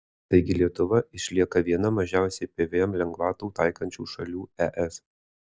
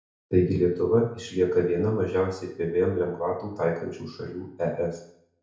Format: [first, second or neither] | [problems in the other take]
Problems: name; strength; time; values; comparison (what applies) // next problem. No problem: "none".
first | room echo; dies away in 0.6 s